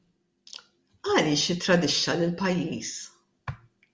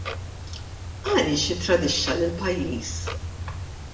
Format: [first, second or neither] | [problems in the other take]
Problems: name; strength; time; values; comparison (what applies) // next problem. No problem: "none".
first | background sound (Clock); 6 dB below the speech // room echo; dies away in 0.6 s